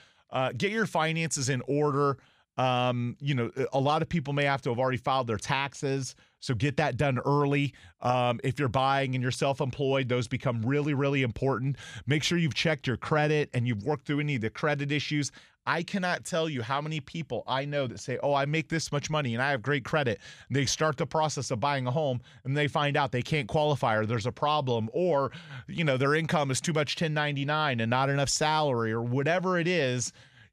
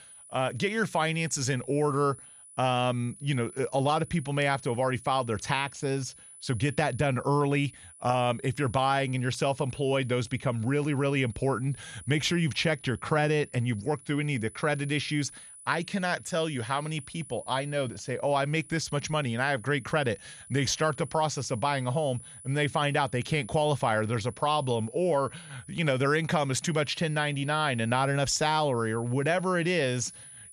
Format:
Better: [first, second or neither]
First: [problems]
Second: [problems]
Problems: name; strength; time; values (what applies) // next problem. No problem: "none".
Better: first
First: none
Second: high-pitched whine; noticeable; throughout; 10 kHz, 20 dB below the speech